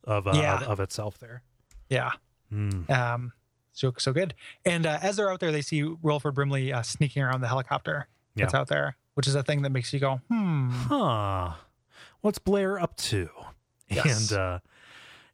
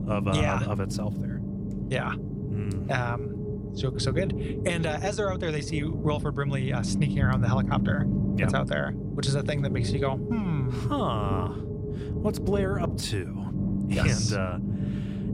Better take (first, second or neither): first